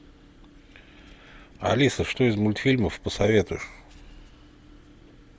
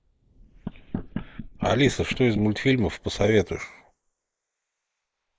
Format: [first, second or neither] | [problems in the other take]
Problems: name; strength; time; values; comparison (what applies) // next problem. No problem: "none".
first | noise reduction (neural mask model Resemble Enhance denoiser)